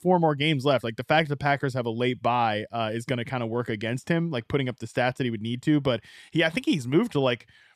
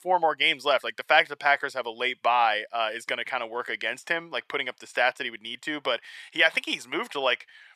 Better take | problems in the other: first | thin; very; fading below 700 Hz

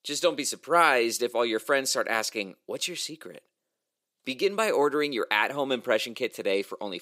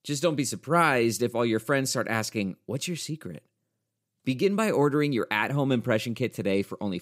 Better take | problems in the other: second | thin; somewhat; fading below 500 Hz

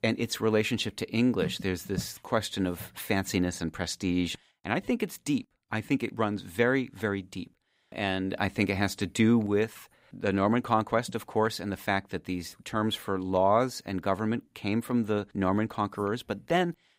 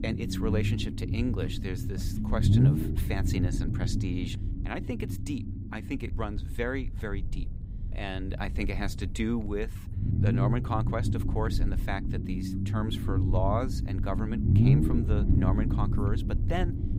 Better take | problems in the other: first | low rumble; loud; throughout; 3 dB below the speech

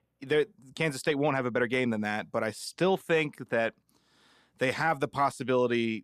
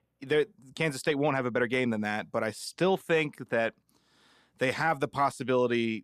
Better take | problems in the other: neither | none

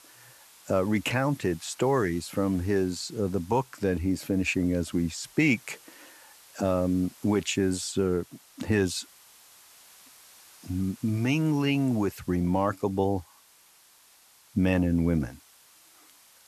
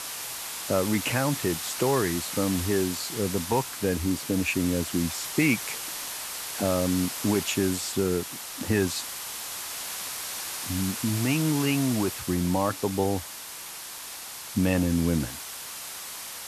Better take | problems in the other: first | hiss; loud; throughout; 6 dB below the speech; faint in the first

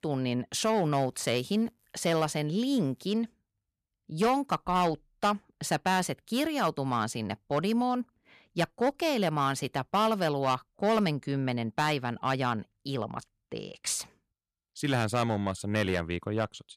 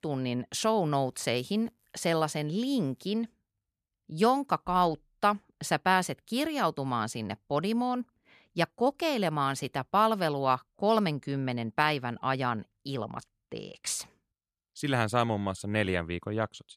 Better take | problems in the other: second | distortion; slight; 3% of the sound clipped

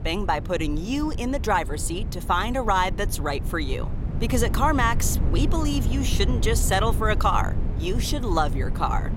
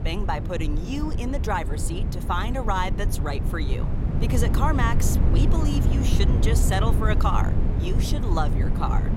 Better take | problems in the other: first | wind noise on the microphone; heavy; 7 dB below the speech; occasional gusts in the first

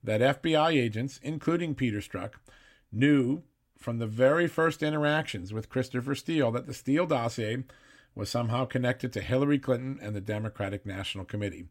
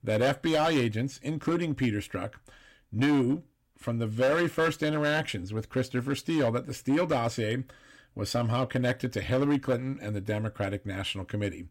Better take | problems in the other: first | distortion; slight; 6% of the sound clipped

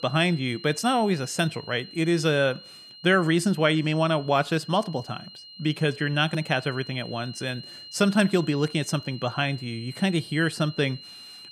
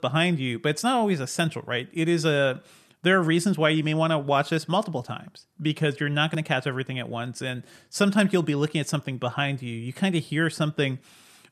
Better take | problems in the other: second | high-pitched whine; noticeable; throughout; 4 kHz, 15 dB below the speech

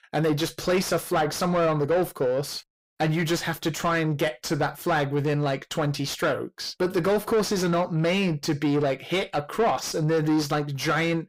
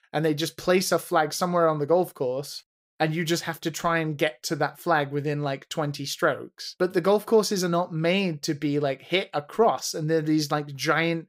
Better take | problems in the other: second | distortion; heavy; 8 dB below the speech

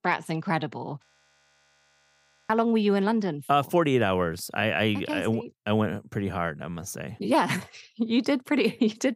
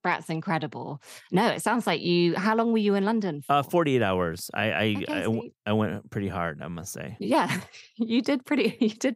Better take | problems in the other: second | audio freezing; at 1 s for 1.5 s

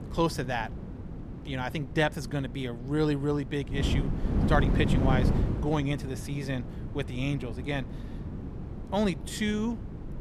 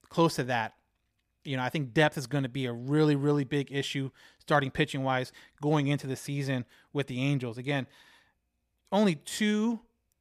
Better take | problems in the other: second | wind noise on the microphone; heavy; 9 dB below the speech

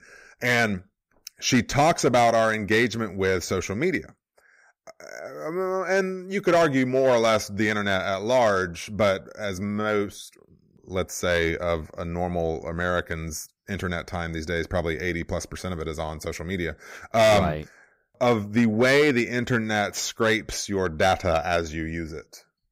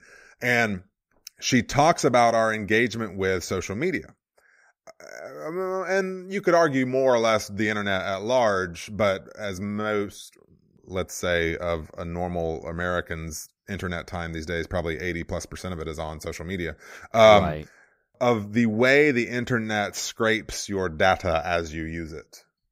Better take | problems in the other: second | distortion; slight; 3% of the sound clipped

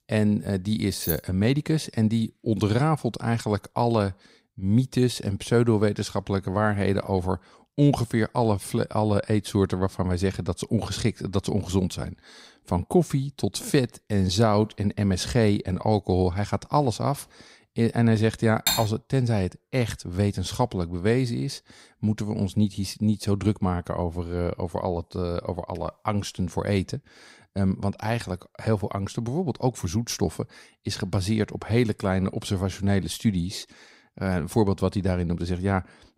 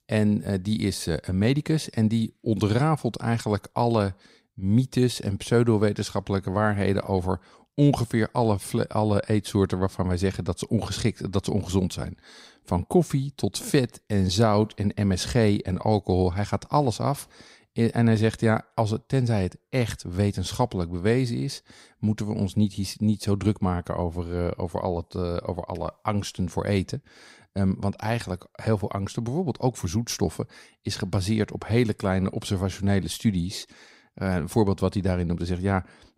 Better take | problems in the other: second | jangling keys; noticeable; at 1 s; peak 6 dB below the speech // clattering dishes; loud; at 19 s; peak 1 dB above the speech

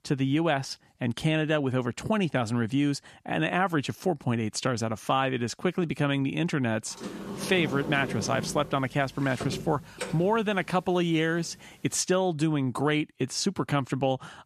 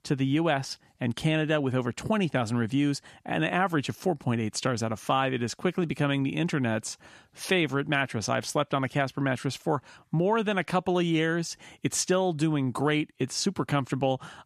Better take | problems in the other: second | door banging; noticeable; from 7 to 11 s; peak 7 dB below the speech

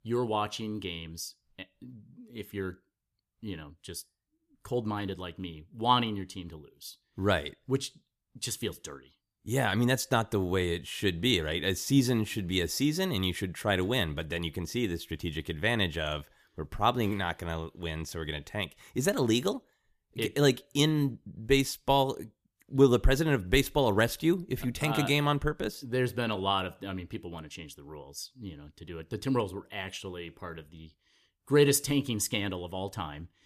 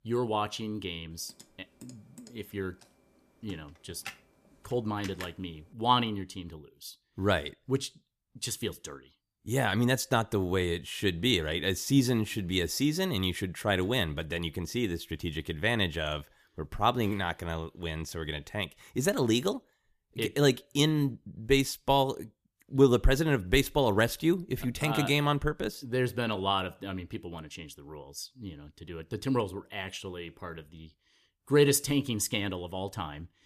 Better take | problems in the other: first | keyboard typing; faint; from 1.5 to 5.5 s; peak 15 dB below the speech

